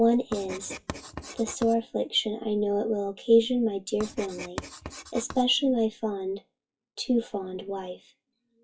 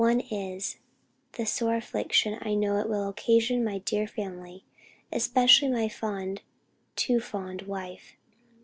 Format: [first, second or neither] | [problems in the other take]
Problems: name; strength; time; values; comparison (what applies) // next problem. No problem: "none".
second | noise reduction (classical method WPE with log-MMSE)